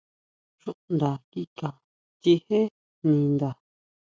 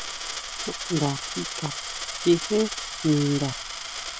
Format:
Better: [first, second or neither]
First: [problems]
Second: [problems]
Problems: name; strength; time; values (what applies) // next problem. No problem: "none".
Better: first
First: none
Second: background sound (Coin (dropping)); 6 dB below the speech